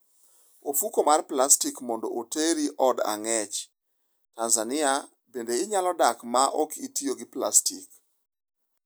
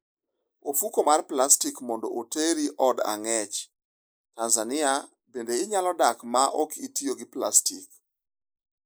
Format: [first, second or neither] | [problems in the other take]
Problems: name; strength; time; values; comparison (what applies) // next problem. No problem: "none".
first | noise reduction (neural mask model Resemble Enhance denoiser)